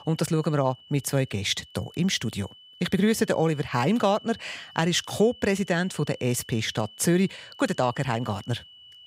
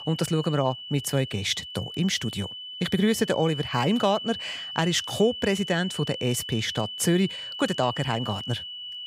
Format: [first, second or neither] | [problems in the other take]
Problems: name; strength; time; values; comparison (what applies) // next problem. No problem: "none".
first | high-pitched whine; loud; throughout; 3 kHz, 8 dB below the speech; faint in the first